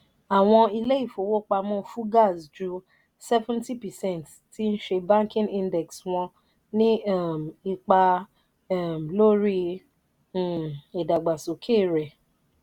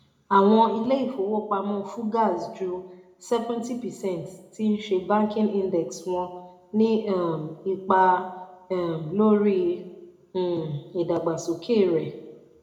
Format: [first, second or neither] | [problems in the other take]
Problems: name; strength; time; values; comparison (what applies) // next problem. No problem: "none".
first | room echo; dies away in 0.6 s